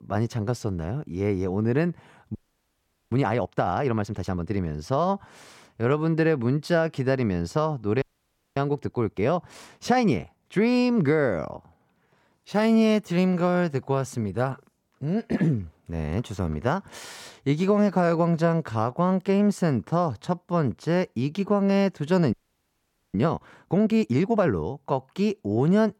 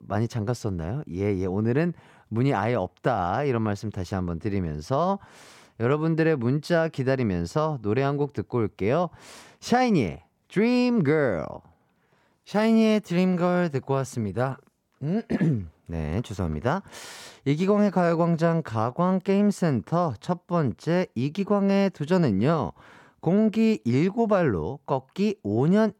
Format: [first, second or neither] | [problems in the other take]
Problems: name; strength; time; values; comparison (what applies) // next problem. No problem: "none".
second | audio freezing; at 2.5 s for 1 s, at 8 s for 0.5 s and at 22 s for 1 s